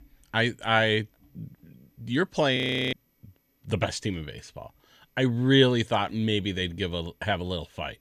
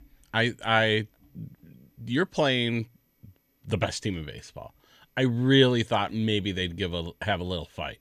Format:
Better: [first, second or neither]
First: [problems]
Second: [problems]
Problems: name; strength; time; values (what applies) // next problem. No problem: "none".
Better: second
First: audio freezing; at 2.5 s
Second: none